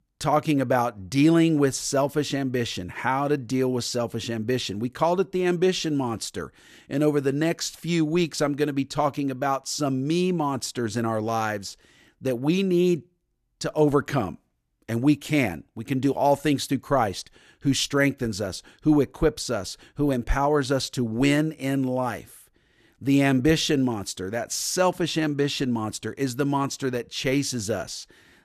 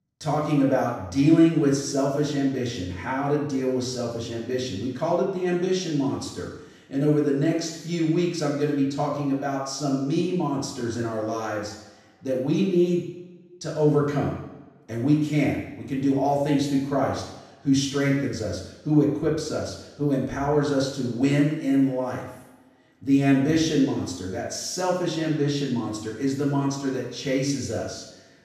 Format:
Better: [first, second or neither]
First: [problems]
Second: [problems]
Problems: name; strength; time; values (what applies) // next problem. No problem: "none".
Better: first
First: none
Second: room echo; noticeable; dies away in 0.9 s // off-mic speech; far